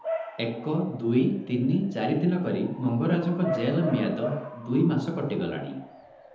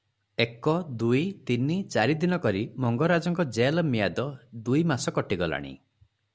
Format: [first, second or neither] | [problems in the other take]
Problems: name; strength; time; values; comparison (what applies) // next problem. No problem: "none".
second | background sound (Bark / Motor vehicle (road) / Siren); 11 dB below the speech // room echo; dies away in 0.8 s